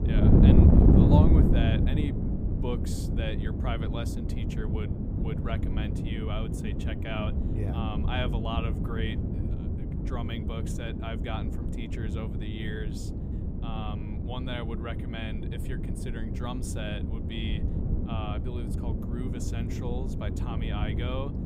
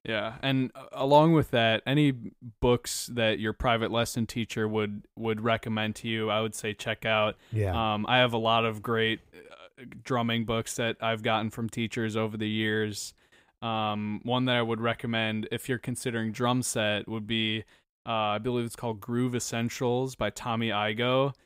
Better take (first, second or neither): second